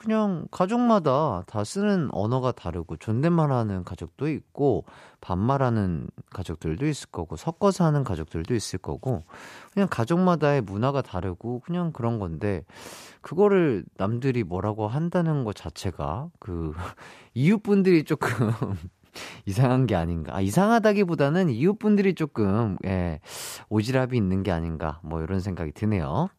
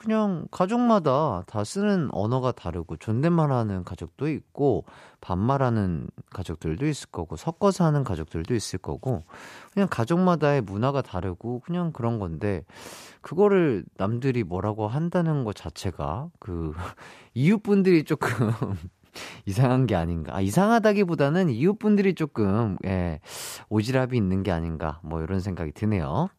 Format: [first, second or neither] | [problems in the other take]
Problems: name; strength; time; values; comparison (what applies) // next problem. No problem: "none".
neither | none